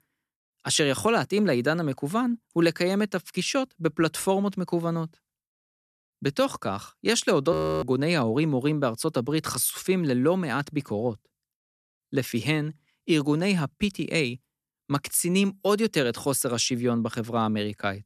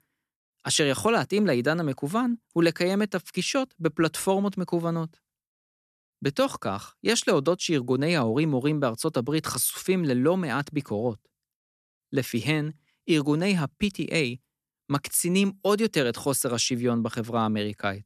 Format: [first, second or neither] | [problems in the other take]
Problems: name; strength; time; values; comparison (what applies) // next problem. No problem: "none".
second | audio freezing; at 7.5 s